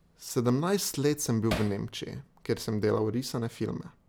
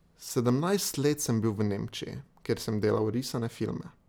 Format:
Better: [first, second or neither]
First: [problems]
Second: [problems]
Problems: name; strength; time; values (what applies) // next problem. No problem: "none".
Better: second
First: background sound (Hammer); 6 dB below the speech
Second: none